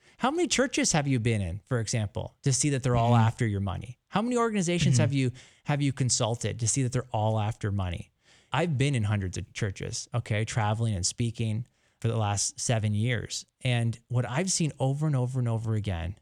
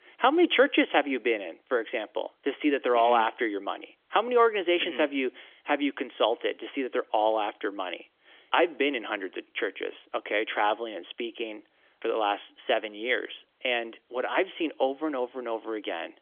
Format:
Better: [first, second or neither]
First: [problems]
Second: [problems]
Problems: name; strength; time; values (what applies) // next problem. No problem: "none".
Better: first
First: none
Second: phone-call audio; nothing above 3.5 kHz